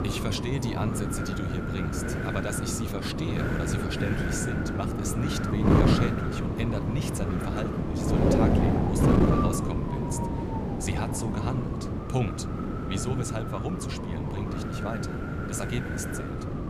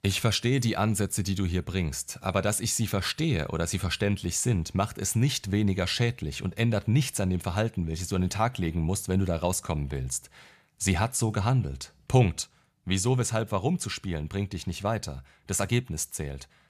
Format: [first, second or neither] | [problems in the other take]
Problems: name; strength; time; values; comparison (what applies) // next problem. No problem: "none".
second | wind noise on the microphone; heavy; 4 dB above the speech